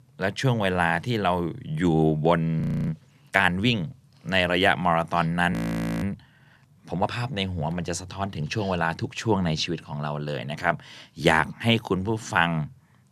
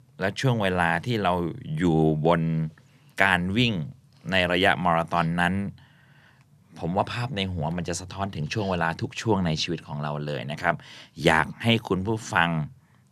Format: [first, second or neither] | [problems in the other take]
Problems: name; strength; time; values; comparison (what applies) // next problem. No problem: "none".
second | audio freezing; at 2.5 s and at 5.5 s